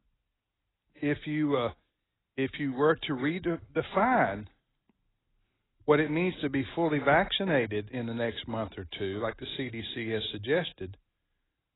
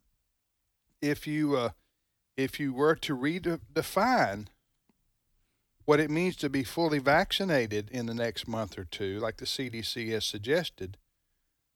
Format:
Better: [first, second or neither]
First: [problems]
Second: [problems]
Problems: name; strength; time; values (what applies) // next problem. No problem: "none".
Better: second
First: garbled, watery; badly; nothing above 4 kHz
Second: none